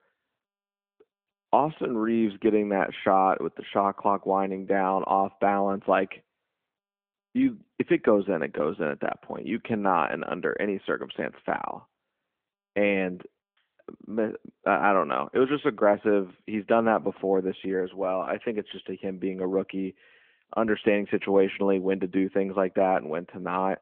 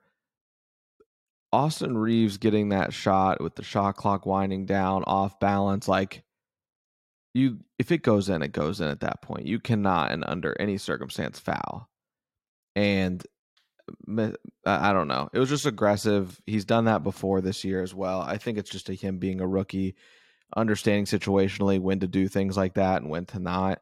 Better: second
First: phone-call audio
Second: none

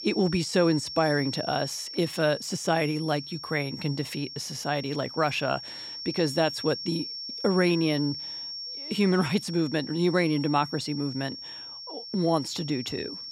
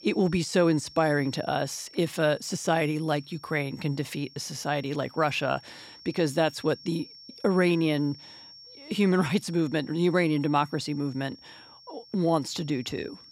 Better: second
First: high-pitched whine; loud; throughout; 5.5 kHz, 9 dB below the speech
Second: high-pitched whine; faint; throughout; 5.5 kHz, 20 dB below the speech

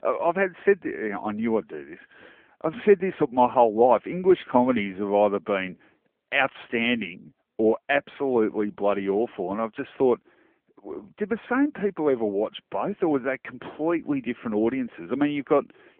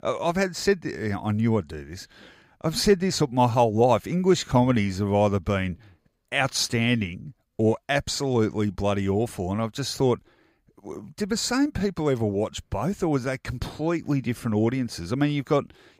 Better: second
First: phone-call audio; nothing above 3 kHz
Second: none

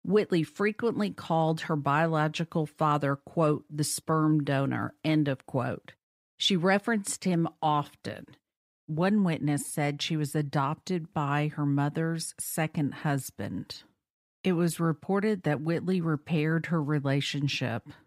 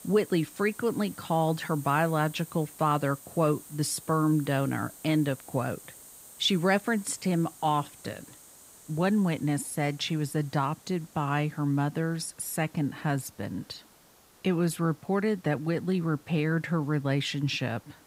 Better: first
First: none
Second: hiss; faint; throughout; 20 dB below the speech

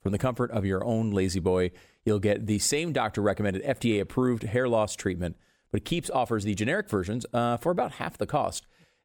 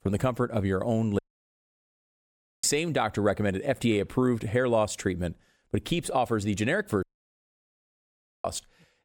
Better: first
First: none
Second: audio cutting out; at 1 s for 1.5 s and at 7 s for 1.5 s

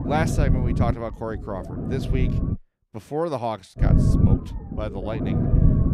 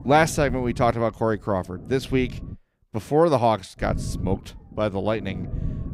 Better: second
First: low rumble; loud; until 2.5 s and from 4 s on; 3 dB below the speech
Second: low rumble; faint; until 2.5 s and from 4 s on; 20 dB below the speech

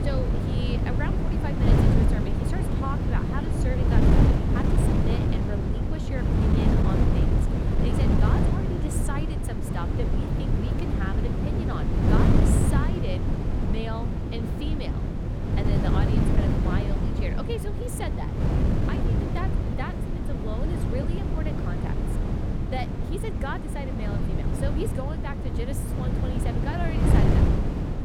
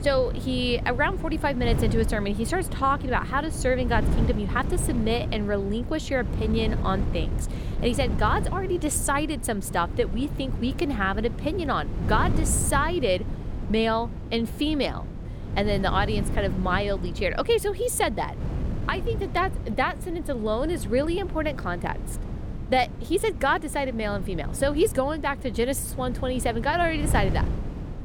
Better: second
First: wind noise on the microphone; heavy; 3 dB above the speech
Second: wind noise on the microphone; occasional gusts; 15 dB below the speech

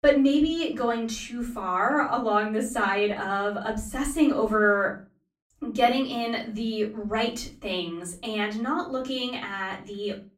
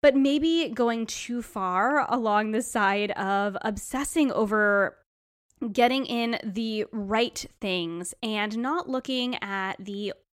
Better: second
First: off-mic speech; far // room echo; very slight; dies away in 0.3 s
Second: none

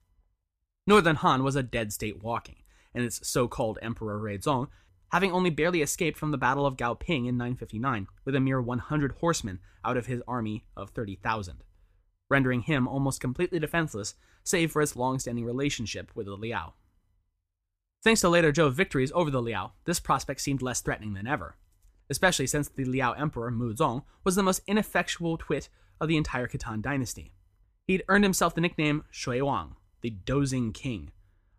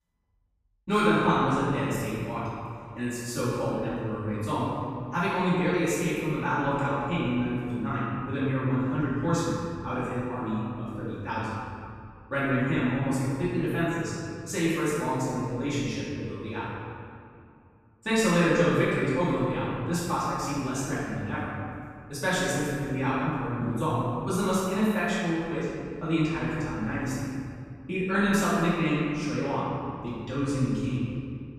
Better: first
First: none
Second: off-mic speech; far // room echo; strong; dies away in 2.1 s

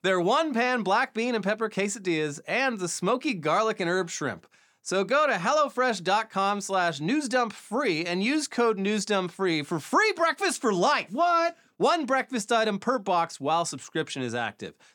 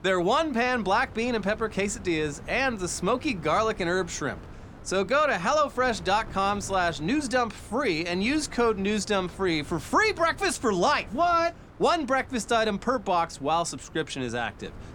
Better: first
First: none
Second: wind noise on the microphone; occasional gusts; 25 dB below the speech

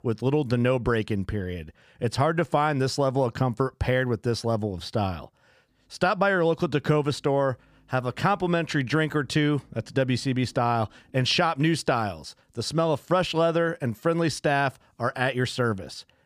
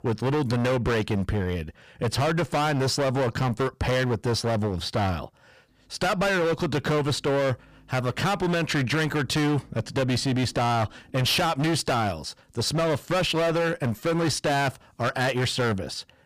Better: first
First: none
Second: distortion; heavy; 24% of the sound clipped

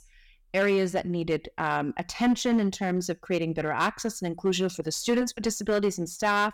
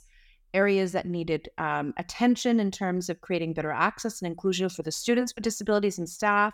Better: second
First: distortion; slight; 5% of the sound clipped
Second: none

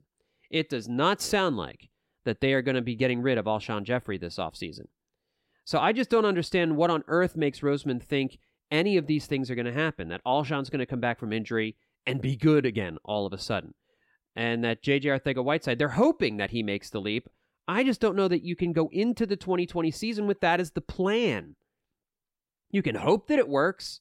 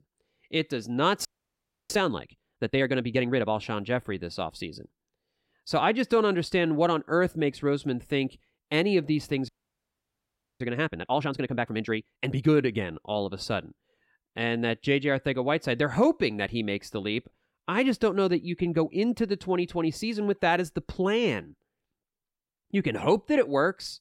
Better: first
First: none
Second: audio freezing; at 1.5 s for 0.5 s and at 9.5 s for 1 s

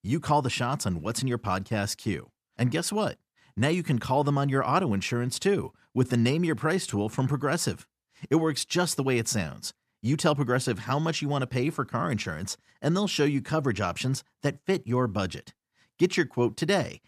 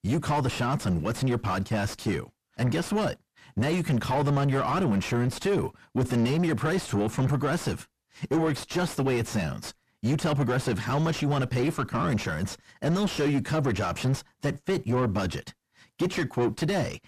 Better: first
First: none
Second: distortion; heavy; 6 dB below the speech

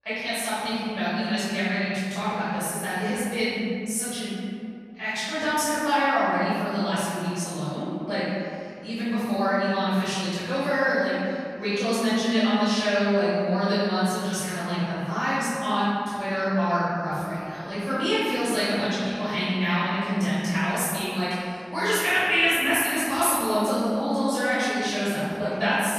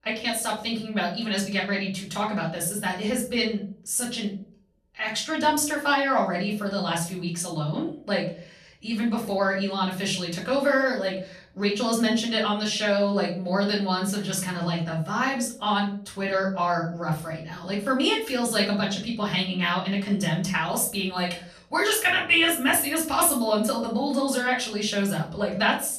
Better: second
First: room echo; strong; dies away in 2.2 s // off-mic speech; far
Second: room echo; slight; dies away in 0.4 s // off-mic speech; far

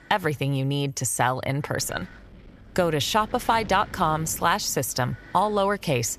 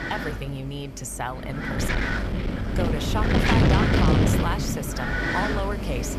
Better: first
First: wind noise on the microphone; occasional gusts; 25 dB below the speech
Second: wind noise on the microphone; heavy; 4 dB above the speech

